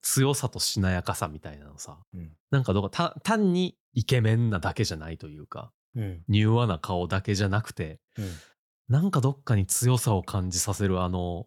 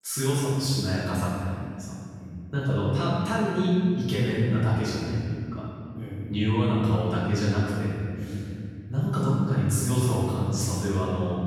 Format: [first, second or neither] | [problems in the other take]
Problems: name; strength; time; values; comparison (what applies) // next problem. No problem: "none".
first | room echo; strong; dies away in 2.7 s // off-mic speech; far